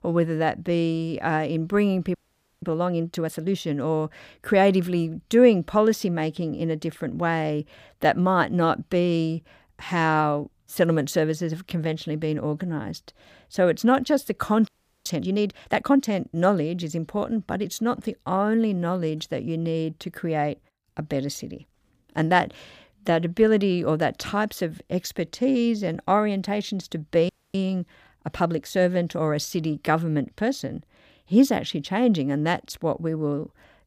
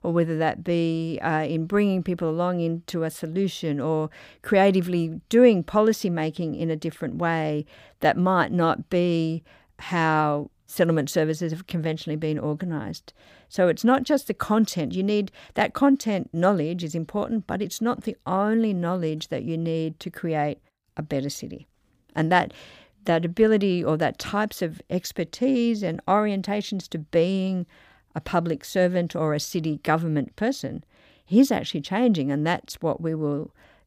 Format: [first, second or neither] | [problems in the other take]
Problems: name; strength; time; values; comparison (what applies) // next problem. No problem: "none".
second | audio freezing; at 2 s, at 15 s and at 27 s